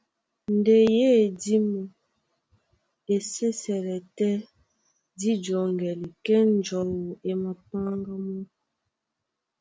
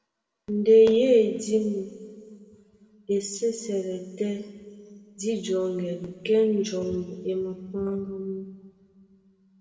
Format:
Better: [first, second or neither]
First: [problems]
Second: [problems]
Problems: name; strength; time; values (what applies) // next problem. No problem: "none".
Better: first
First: none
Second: room echo; dies away in 2 s